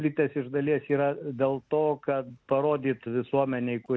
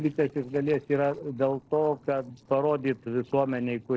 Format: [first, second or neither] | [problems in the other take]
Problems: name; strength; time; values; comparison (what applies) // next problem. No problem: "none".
first | noise reduction (neural separator model SepFormer DNS4)